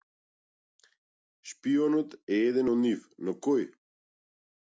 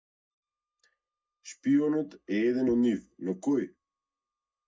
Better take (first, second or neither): first